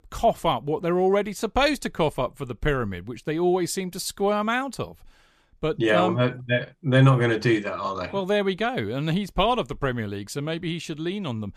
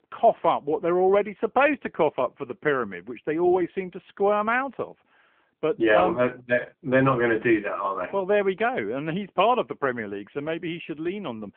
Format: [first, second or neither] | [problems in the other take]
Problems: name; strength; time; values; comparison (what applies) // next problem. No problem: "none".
first | phone-call audio